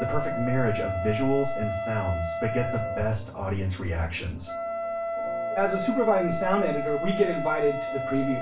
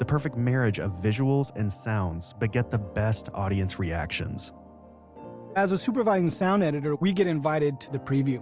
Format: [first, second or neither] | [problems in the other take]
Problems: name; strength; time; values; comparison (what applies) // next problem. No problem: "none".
second | background sound (Wind instrument, woodwind instrument); 4 dB below the speech // room echo; dies away in 0.3 s